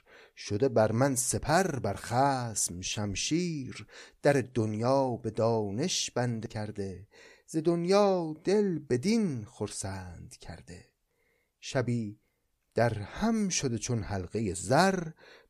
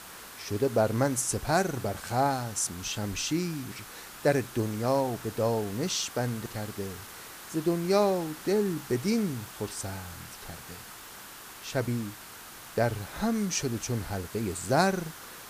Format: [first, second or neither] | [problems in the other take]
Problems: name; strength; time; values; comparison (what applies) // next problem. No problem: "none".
first | hiss; noticeable; throughout; 15 dB below the speech